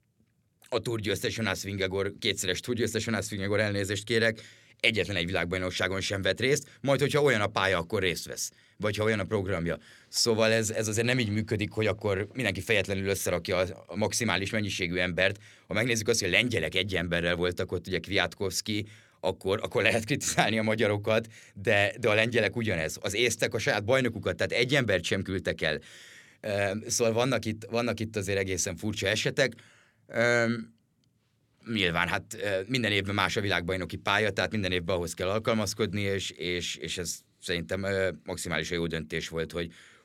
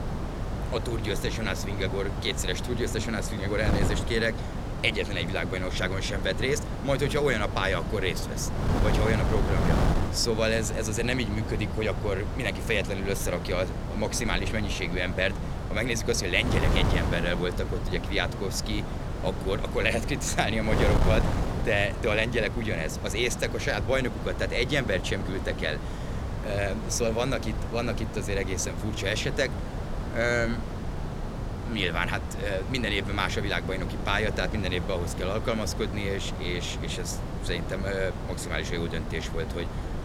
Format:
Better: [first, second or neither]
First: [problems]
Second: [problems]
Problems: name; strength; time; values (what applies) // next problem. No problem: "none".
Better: first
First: none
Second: wind noise on the microphone; heavy; 8 dB below the speech